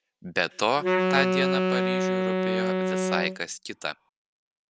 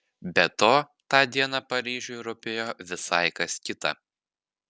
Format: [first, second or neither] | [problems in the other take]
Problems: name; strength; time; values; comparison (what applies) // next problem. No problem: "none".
second | background sound (Wind instrument, woodwind instrument); 5 dB above the speech